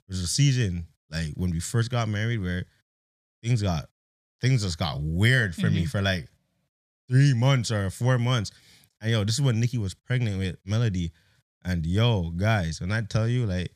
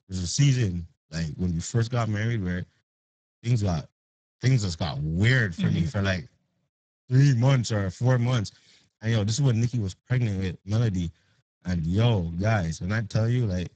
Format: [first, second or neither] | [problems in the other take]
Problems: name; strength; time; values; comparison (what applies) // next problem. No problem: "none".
first | garbled, watery; badly; nothing above 7.5 kHz